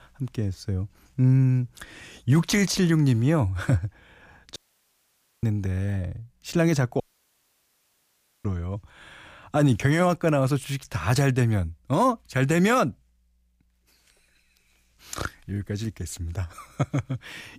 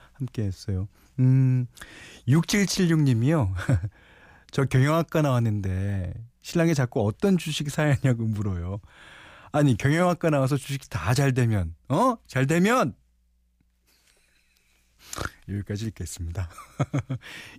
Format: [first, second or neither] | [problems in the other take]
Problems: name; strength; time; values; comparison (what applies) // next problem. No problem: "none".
second | audio cutting out; at 4.5 s for 1 s and at 7 s for 1.5 s